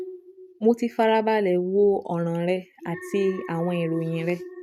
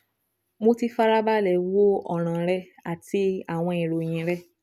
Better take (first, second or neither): second